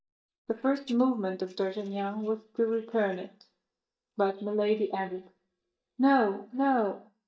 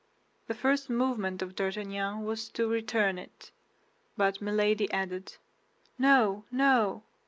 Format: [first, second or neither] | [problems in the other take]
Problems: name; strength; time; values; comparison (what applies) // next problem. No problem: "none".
second | noise reduction (neural mask model DeepFilterNet 3)